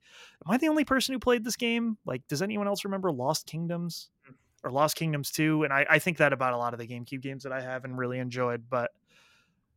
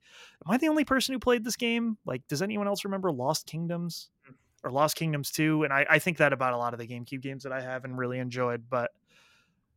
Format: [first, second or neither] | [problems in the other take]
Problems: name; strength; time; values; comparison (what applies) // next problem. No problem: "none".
neither | none